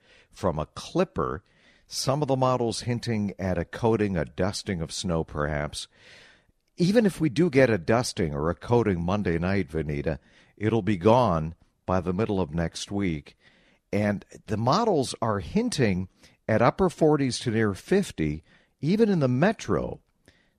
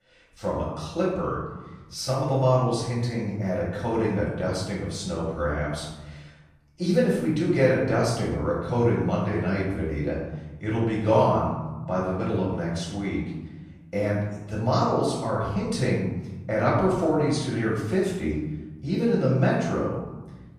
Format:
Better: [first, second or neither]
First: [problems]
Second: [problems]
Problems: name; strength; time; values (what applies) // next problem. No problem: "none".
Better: first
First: none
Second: off-mic speech; far // room echo; noticeable; dies away in 1 s